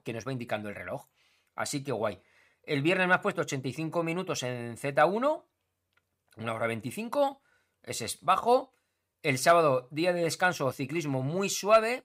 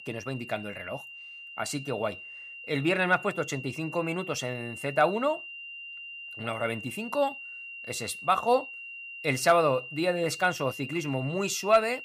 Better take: first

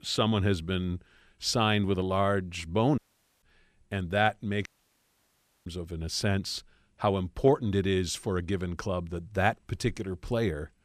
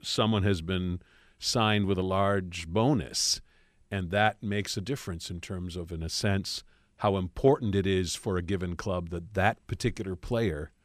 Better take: second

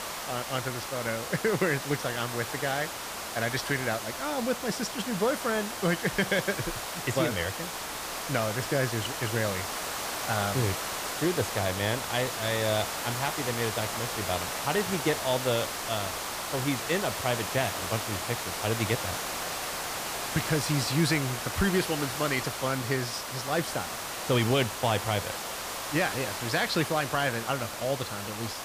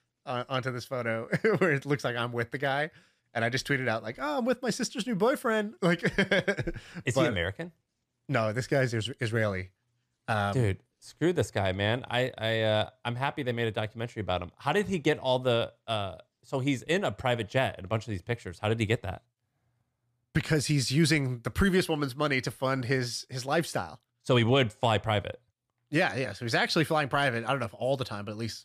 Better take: second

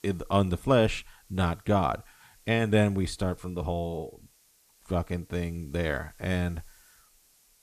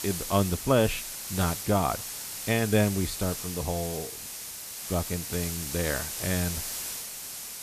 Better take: first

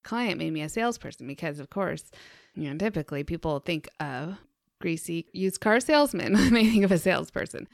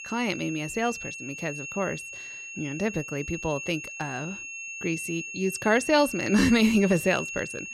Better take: first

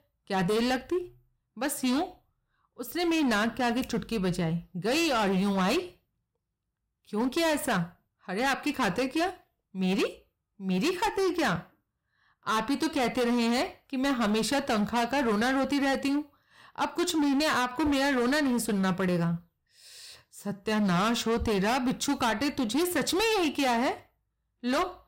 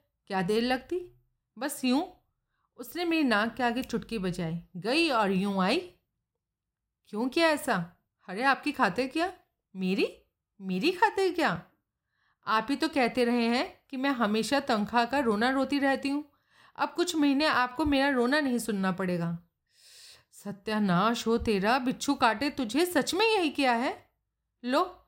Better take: second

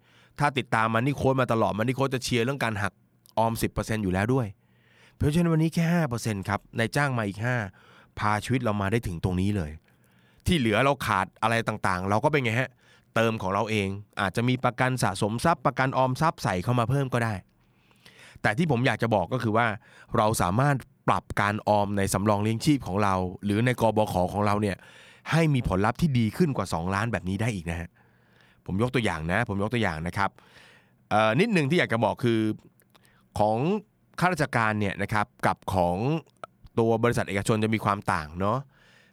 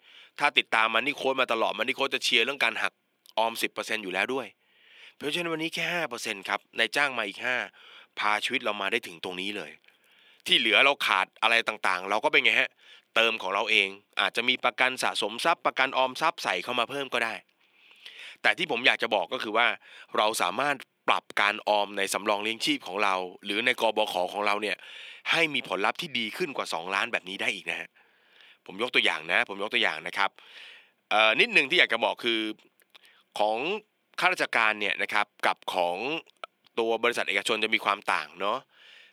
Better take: first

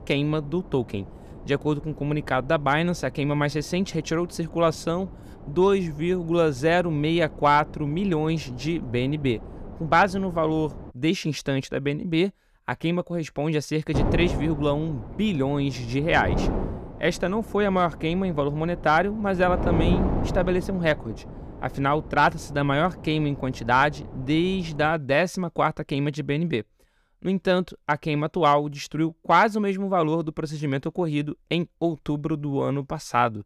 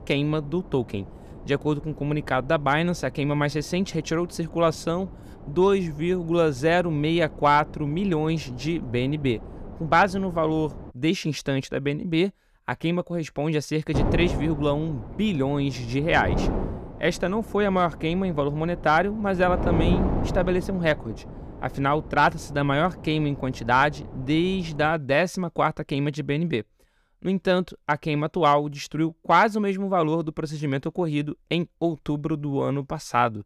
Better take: neither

